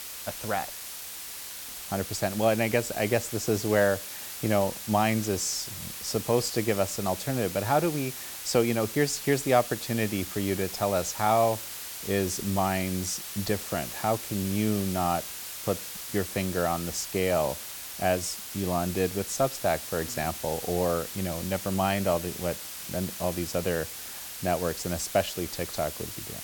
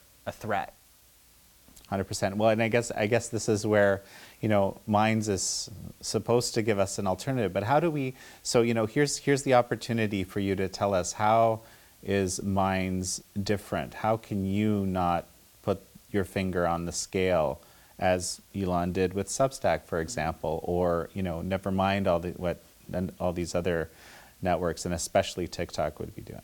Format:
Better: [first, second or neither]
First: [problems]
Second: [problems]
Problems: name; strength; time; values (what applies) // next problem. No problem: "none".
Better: second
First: hiss; loud; throughout; 7 dB below the speech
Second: hiss; faint; throughout; 30 dB below the speech